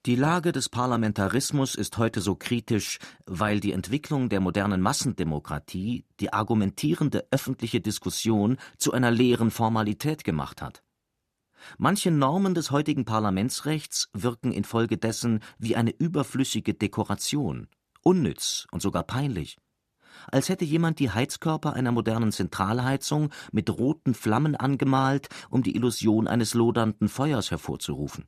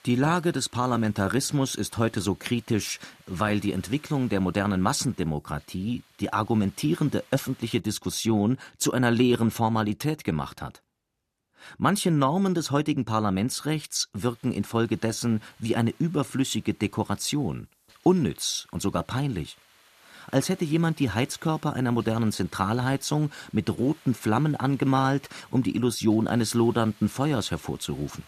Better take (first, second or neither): first